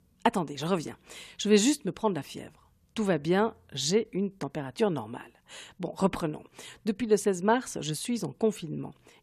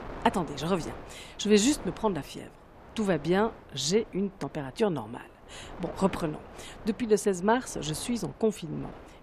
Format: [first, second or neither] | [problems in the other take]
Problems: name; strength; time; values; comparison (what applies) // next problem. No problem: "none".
first | wind noise on the microphone; occasional gusts; 15 dB below the speech